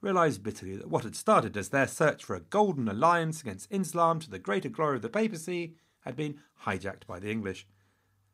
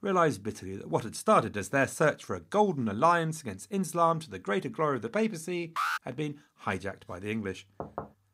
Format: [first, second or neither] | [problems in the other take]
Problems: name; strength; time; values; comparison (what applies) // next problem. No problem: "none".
first | alarm; noticeable; at 6 s; peak 2 dB below the speech // door banging; faint; at 8 s; peak 10 dB below the speech